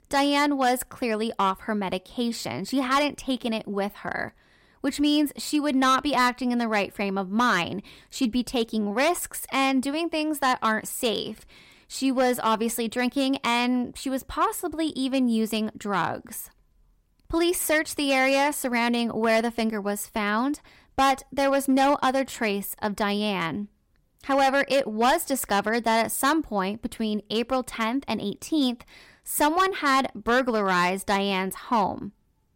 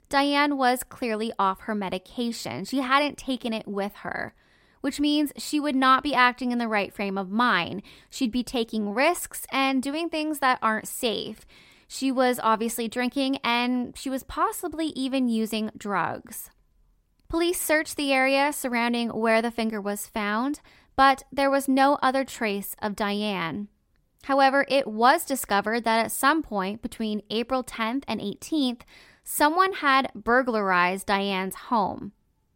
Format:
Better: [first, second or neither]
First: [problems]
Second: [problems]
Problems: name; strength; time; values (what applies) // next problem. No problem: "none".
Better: second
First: distortion; slight; 4% of the sound clipped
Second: none